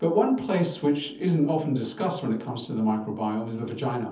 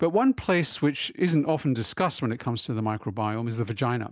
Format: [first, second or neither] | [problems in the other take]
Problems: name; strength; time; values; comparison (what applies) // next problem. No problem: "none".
second | room echo; dies away in 0.7 s